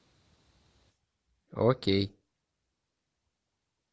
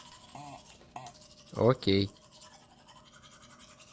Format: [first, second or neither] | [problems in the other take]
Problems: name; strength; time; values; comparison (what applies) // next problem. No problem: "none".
first | background sound (Domestic sounds, home sounds + Fart); 18 dB below the speech